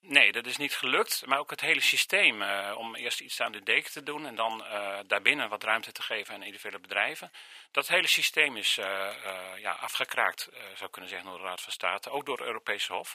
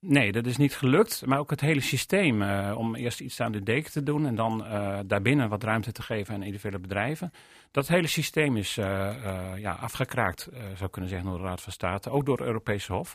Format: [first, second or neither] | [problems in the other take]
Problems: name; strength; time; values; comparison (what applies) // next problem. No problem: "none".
second | thin; very; fading below 700 Hz